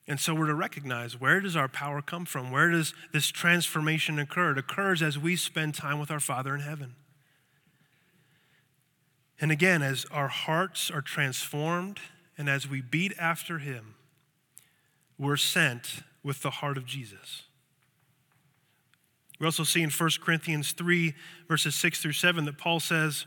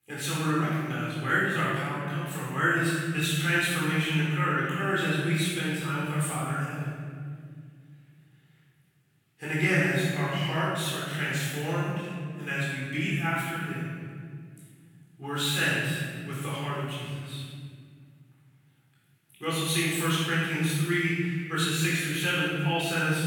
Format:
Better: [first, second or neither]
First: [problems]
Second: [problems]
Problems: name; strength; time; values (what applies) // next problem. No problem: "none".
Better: first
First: none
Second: off-mic speech; far // room echo; strong; dies away in 2.1 s